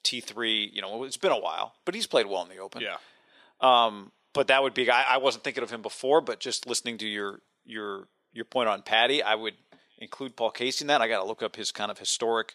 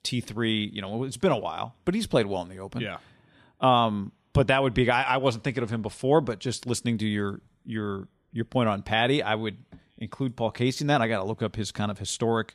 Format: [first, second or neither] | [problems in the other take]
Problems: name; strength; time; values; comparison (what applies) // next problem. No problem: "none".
second | thin; somewhat; fading below 500 Hz